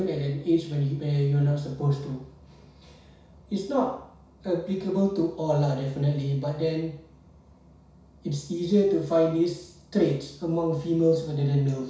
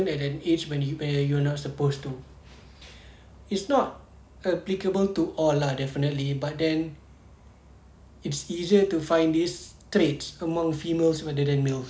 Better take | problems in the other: second | room echo; dies away in 0.6 s

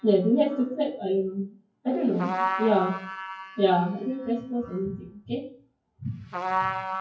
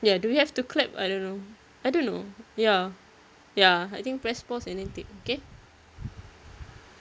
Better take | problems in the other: second | noise reduction (classical method WPE with log-MMSE)

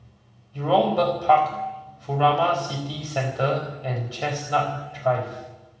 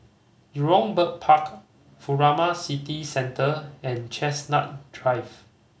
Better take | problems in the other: second | room echo; dies away in 1 s

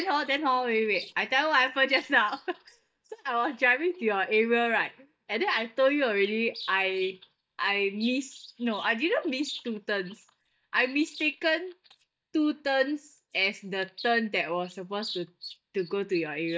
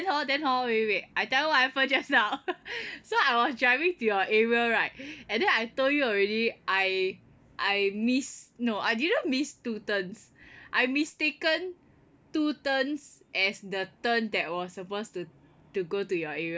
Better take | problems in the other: second | noise reduction (neural mask model DeepFilterNet 3)

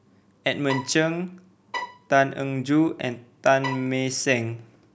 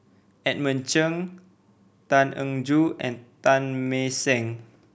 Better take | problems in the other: second | background sound (Bowed string instrument); 11 dB below the speech

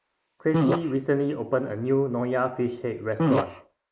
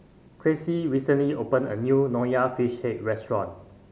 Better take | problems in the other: second | noise reduction (neural mask model Resemble Enhance denoiser)

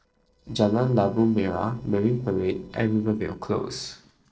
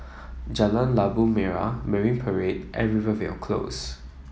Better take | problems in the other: second | noise reduction (neural separator model SepFormer DNS4)

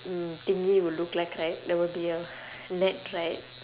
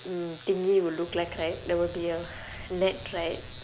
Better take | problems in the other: first | background sound (Bird); 15 dB below the speech

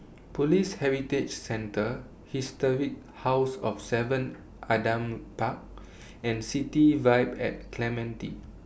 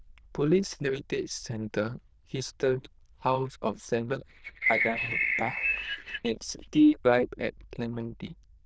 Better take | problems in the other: first | noise reduction (neural diffusion model UNIVERSE++)

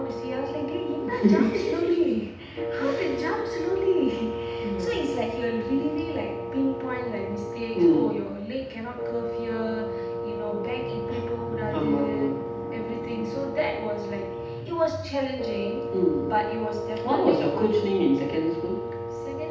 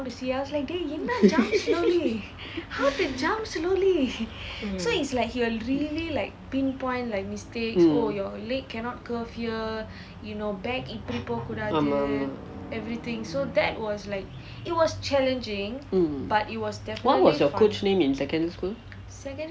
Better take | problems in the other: second | background sound (Wind instrument, woodwind instrument); 5 dB below the speech // room echo; dies away in 0.8 s

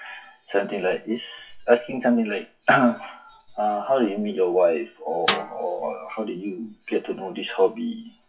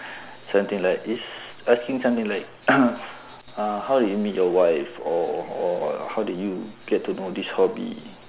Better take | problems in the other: second | noise reduction (classical method WPE with log-MMSE)

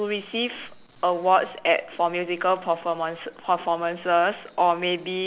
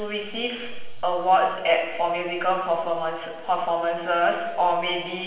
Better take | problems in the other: first | room echo; dies away in 1.2 s

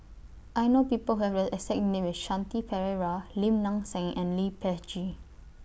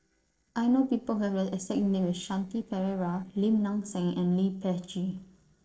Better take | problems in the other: first | noise reduction (neural separator model SepFormer DNS4)

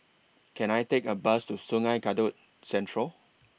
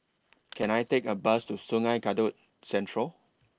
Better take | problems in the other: first | noise reduction (neural separator model SepFormer DNS4)

